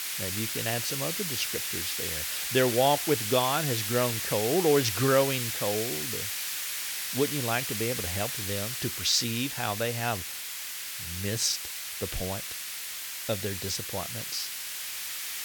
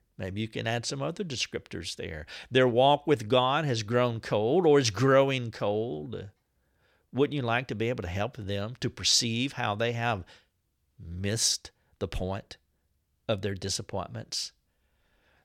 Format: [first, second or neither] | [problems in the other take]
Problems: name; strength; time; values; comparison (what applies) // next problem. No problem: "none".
second | hiss; loud; throughout; 2 dB below the speech